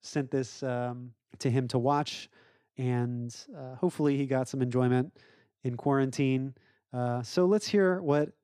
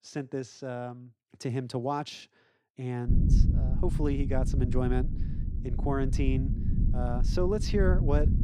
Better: first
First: none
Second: low rumble; loud; from 3 s on; 8 dB below the speech

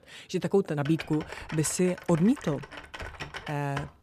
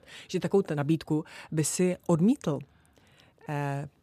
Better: second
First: keyboard typing; faint; from 1 s on; peak 10 dB below the speech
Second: none

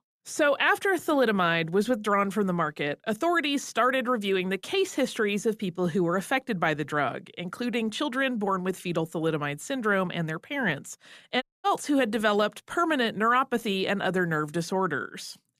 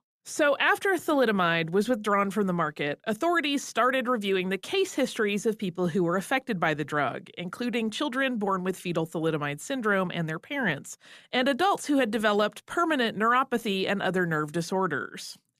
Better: second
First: audio cutting out; at 11 s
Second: none

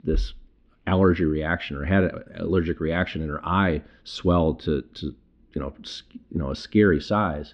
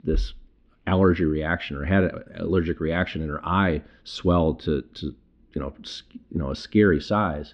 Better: neither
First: muffled; slightly; fading above 3 kHz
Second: muffled; slightly; fading above 3 kHz

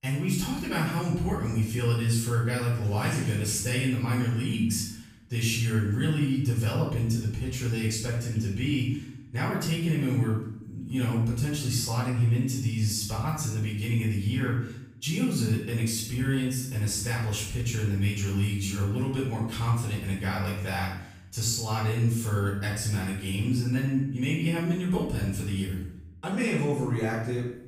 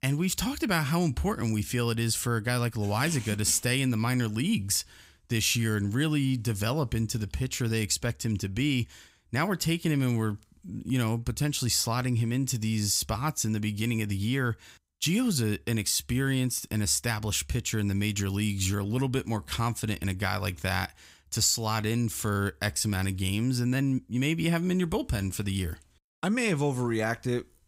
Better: second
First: off-mic speech; far // room echo; noticeable; dies away in 0.7 s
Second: none

